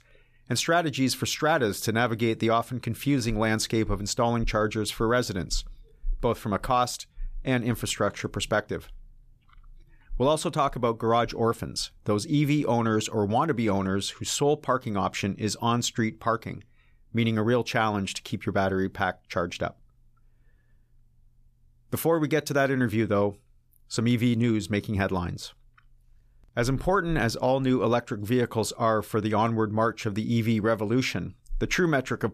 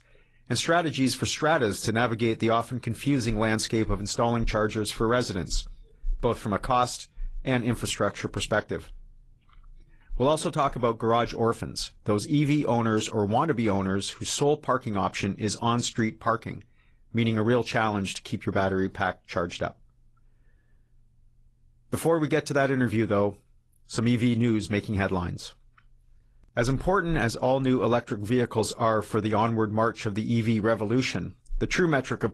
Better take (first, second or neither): first